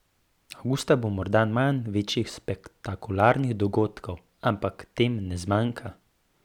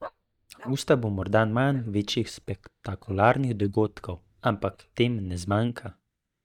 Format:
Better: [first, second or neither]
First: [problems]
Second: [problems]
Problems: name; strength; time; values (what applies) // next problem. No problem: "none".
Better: first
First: none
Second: noise reduction (neural mask model DeepFilterNet 3)